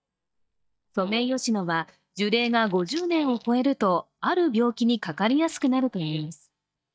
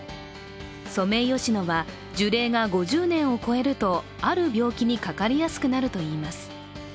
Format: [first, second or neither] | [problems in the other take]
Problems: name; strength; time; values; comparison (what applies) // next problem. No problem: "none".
second | noise reduction (neural mask model DeepFilterNet 3)